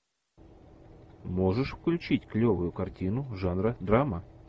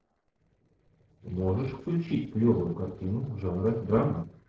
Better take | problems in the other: first | noise reduction (neural separator model SepFormer DNS4)

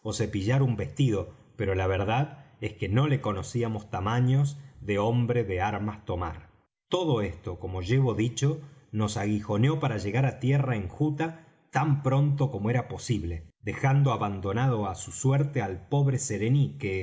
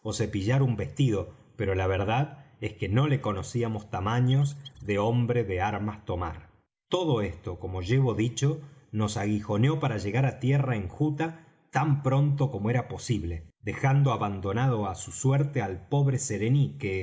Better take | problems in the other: first | noise reduction (neural mask model Resemble Enhance denoiser)

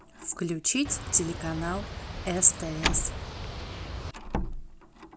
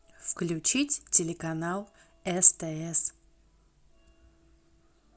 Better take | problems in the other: second | background sound (Slam + Boat, Water vehicle); 5 dB below the speech

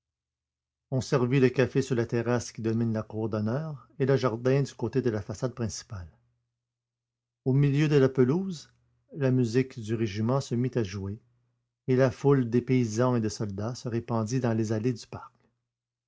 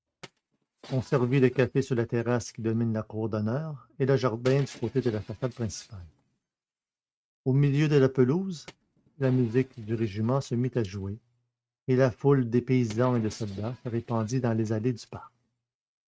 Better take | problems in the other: first | noise reduction (neural mask model RNNoise)

